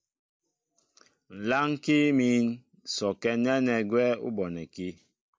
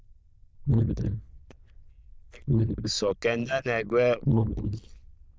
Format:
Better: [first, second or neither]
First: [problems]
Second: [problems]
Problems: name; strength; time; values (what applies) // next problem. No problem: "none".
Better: first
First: none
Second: noise reduction (neural diffusion model UNIVERSE++)